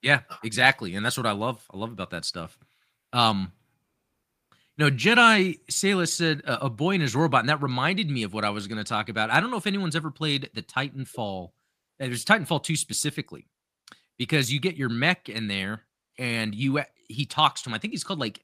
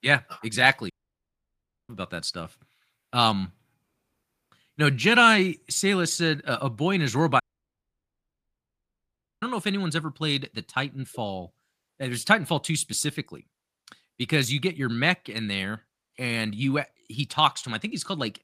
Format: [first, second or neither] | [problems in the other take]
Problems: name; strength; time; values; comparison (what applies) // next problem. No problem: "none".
first | audio cutting out; at 1 s for 1 s and at 7.5 s for 2 s